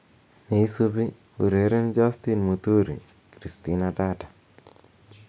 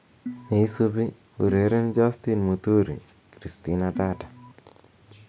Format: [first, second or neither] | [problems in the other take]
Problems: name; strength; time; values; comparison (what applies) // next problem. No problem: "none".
first | background sound (Organ); 16 dB below the speech